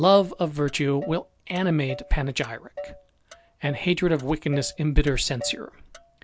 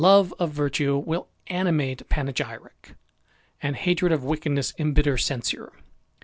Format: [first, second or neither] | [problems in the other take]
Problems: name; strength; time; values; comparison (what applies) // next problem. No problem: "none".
second | background sound (Motor vehicle (road)); 17 dB below the speech